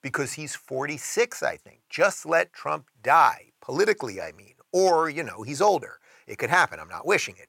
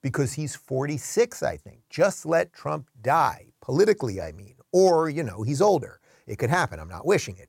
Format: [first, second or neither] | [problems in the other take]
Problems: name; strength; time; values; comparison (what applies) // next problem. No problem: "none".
second | thin; somewhat; fading below 500 Hz